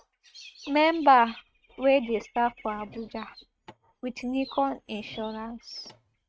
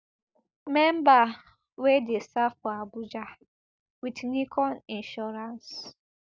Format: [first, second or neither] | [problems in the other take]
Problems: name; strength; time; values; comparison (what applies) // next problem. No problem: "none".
second | noise reduction (neural mask model RNNoise)